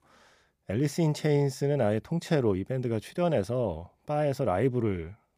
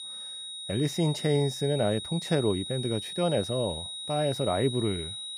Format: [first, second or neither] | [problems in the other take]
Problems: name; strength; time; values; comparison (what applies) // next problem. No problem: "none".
first | high-pitched whine; loud; throughout; 4 kHz, 7 dB below the speech